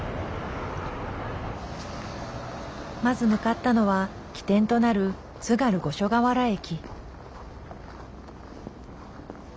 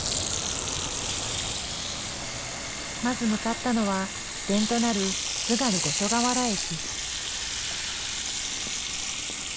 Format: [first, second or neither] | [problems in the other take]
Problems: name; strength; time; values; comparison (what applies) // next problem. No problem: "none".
first | background sound (Sink (filling or washing) / Water tap, faucet); as loud as the speech